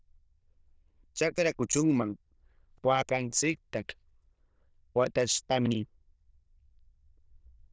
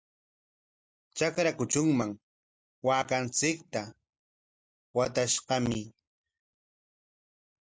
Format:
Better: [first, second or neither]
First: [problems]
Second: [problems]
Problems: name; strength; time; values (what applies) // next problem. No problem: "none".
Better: second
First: noise reduction (neural diffusion model UNIVERSE++)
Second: none